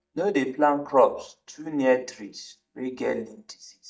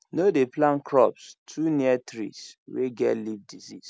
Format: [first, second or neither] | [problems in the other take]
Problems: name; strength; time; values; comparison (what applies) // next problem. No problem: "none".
second | noise reduction (neural mask model DeepFilterNet 3)